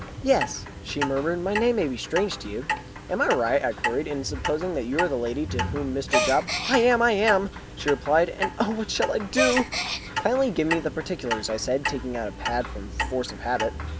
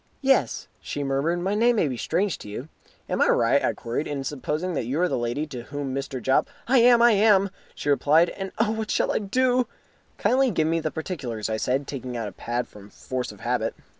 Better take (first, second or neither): second